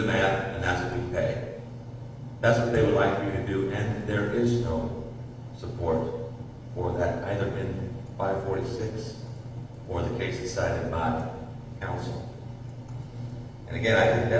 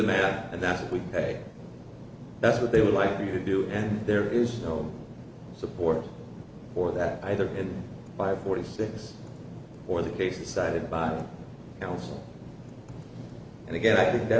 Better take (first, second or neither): second